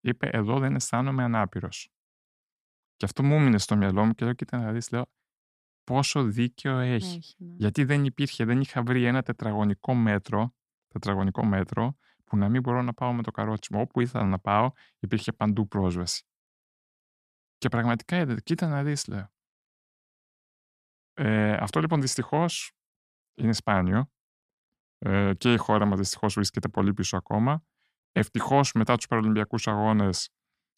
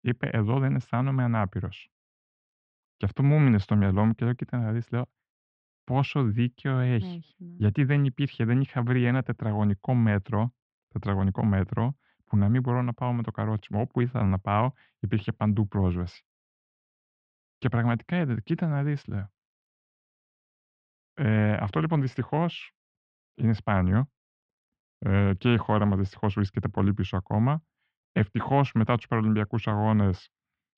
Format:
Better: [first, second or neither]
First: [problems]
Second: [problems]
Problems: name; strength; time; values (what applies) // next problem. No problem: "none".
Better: first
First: none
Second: muffled; very; fading above 3 kHz